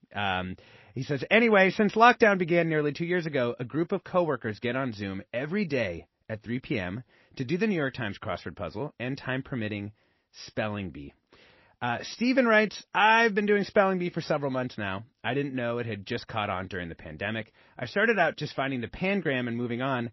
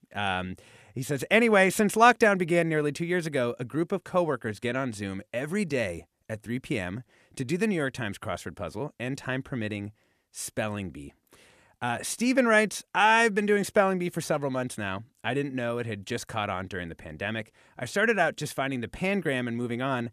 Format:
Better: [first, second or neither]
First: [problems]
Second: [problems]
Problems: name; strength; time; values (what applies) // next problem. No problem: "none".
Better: second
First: garbled, watery; slightly; nothing above 5.5 kHz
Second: none